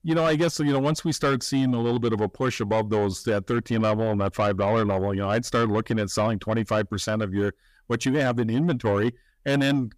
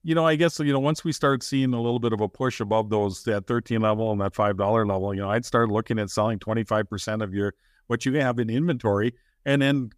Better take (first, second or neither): second